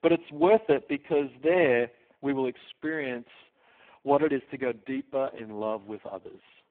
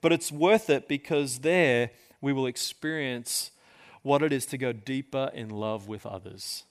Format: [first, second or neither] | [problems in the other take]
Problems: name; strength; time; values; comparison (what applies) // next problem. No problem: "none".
second | phone-call audio; poor line